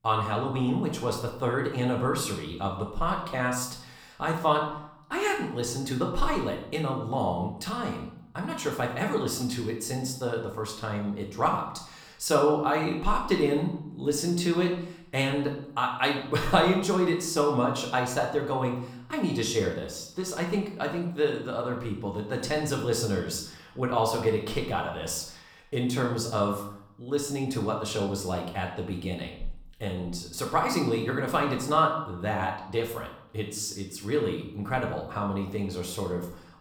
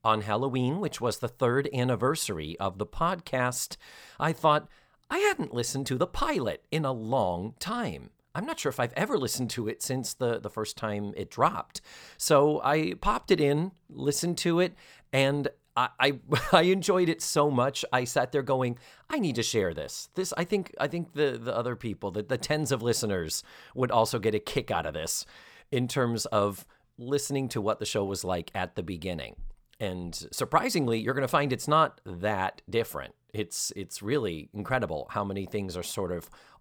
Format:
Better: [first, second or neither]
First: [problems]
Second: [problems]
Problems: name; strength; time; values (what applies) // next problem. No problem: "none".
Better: second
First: room echo; slight; dies away in 0.6 s // off-mic speech; somewhat distant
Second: none